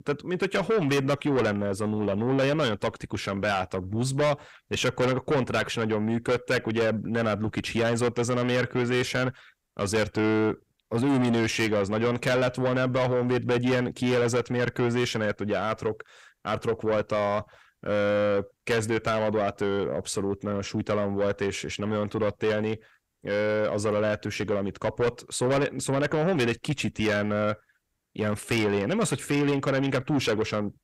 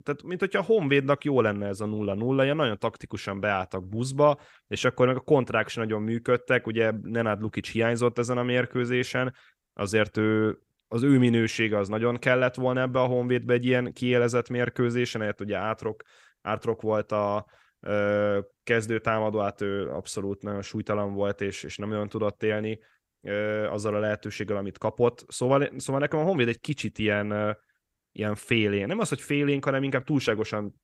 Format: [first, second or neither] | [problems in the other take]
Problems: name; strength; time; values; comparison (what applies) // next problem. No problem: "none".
second | distortion; heavy; 7 dB below the speech